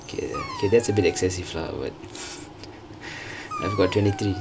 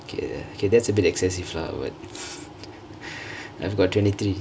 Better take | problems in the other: second | background sound (Dog); 13 dB below the speech

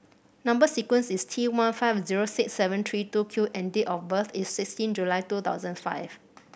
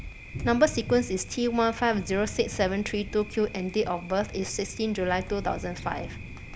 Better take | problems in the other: first | background sound (Thunder); 11 dB below the speech

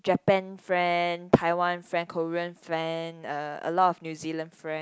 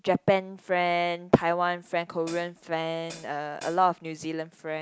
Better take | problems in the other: first | background sound (Hi-hat); 19 dB below the speech

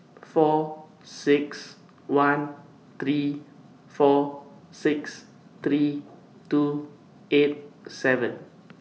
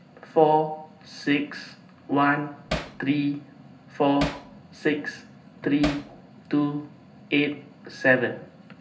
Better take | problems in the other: first | background sound (Hammer); 6 dB below the speech // room echo; dies away in 0.4 s

